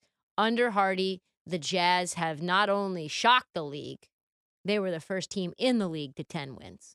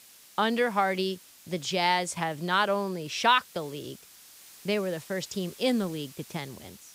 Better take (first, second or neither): first